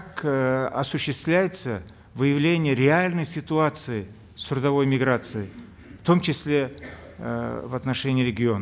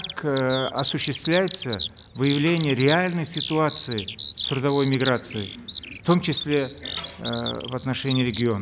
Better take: first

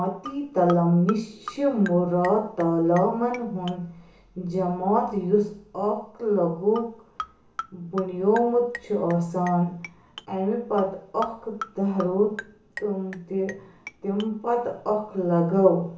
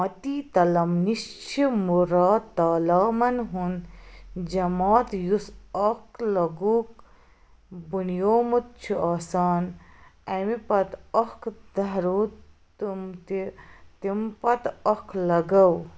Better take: second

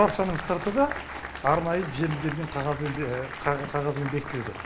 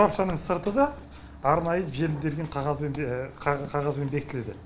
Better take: second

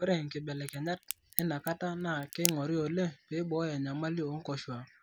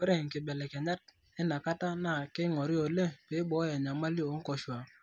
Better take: second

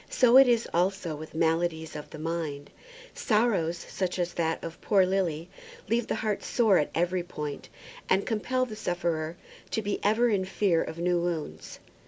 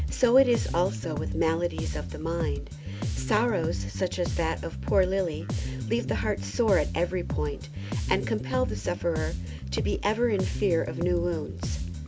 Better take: first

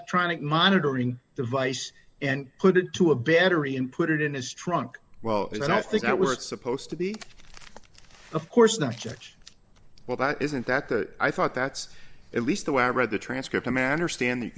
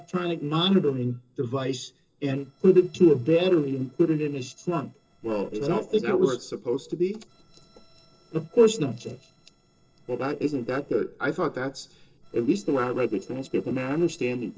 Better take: first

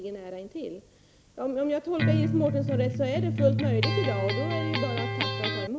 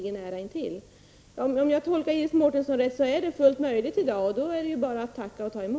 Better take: second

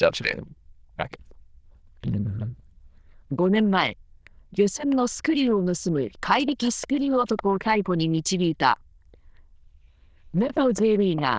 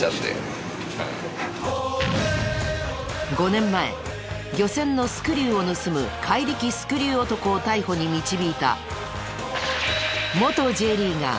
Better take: second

